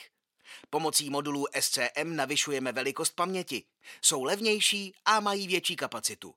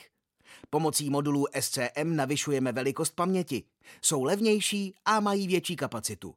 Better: second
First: thin; very slightly; fading below 1 kHz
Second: none

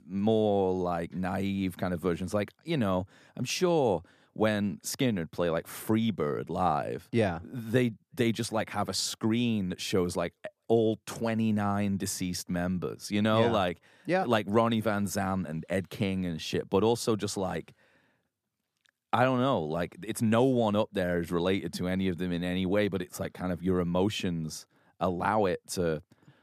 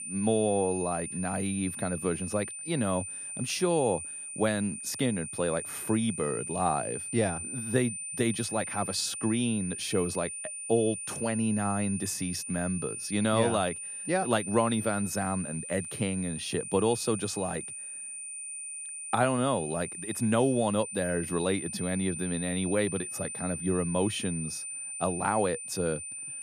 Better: first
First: none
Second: high-pitched whine; loud; throughout; 9 kHz, 6 dB below the speech

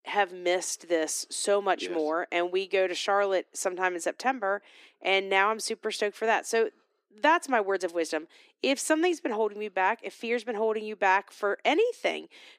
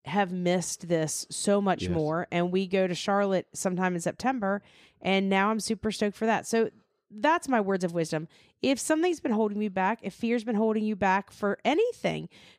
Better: second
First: thin; somewhat; fading below 300 Hz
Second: none

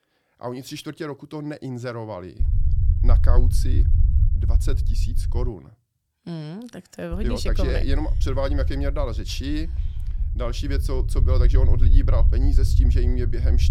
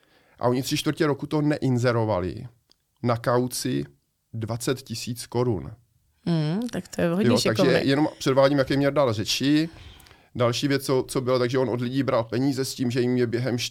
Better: second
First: low rumble; loud; from 2.5 to 5.5 s and from 7 s on; 9 dB below the speech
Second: none

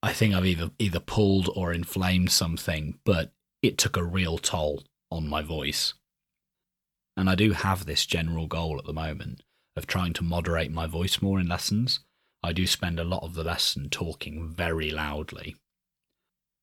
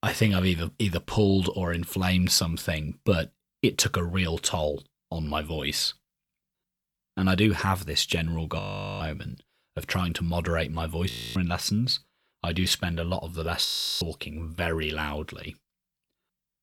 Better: first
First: none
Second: audio freezing; at 8.5 s, at 11 s and at 14 s

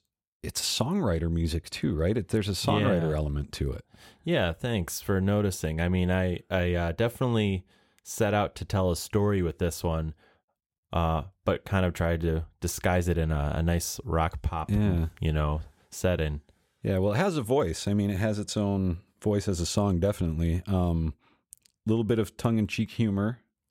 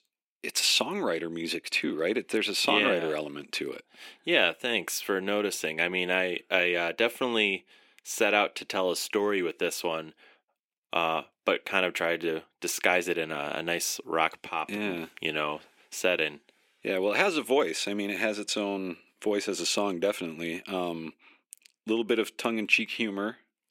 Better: first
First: none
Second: thin; somewhat; fading below 300 Hz

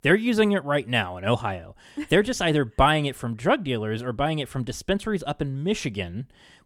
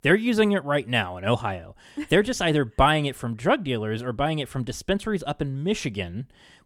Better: neither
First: none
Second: none

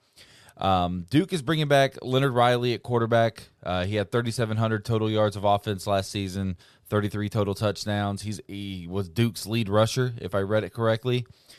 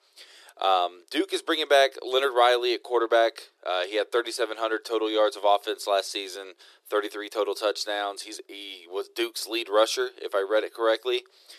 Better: first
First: none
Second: thin; very; fading below 350 Hz

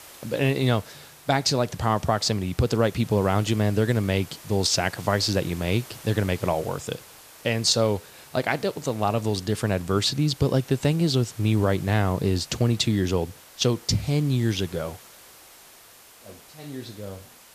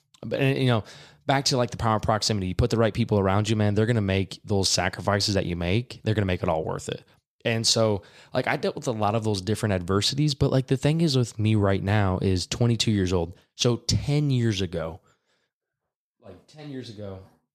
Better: second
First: hiss; faint; throughout; 20 dB below the speech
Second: none

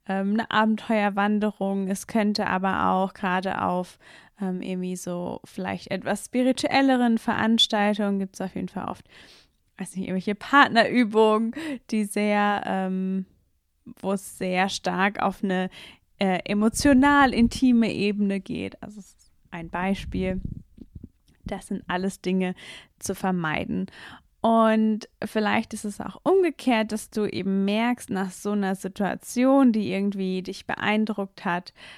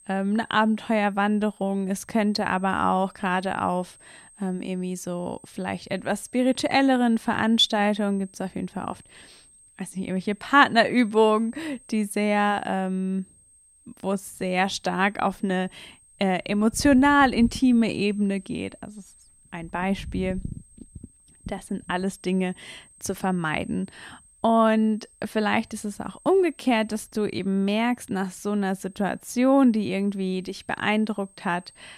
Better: first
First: none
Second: high-pitched whine; faint; throughout; 8.5 kHz, 30 dB below the speech

